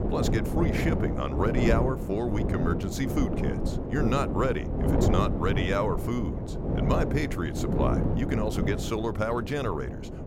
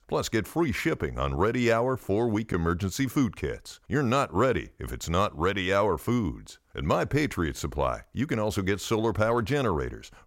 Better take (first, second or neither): second